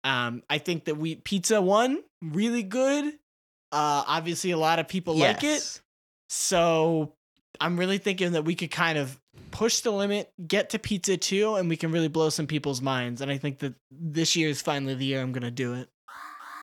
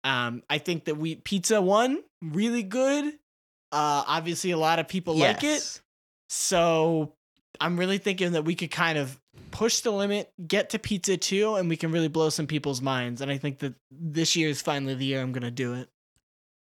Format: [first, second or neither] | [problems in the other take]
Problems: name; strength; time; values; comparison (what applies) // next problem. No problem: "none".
second | alarm; faint; at 16 s; peak 15 dB below the speech